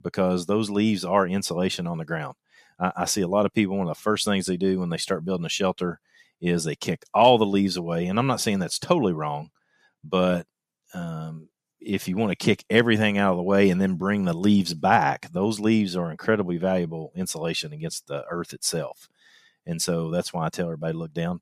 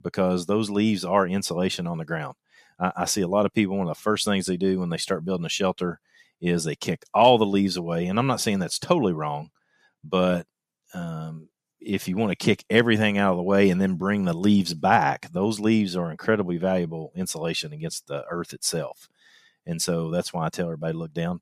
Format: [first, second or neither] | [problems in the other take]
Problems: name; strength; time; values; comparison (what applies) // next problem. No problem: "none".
neither | none